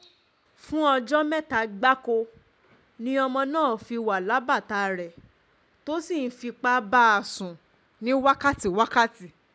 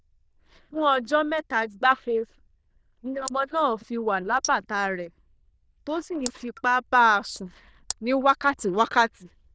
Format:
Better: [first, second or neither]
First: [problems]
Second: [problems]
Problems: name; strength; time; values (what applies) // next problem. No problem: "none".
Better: first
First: none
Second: noise reduction (neural diffusion model UNIVERSE++)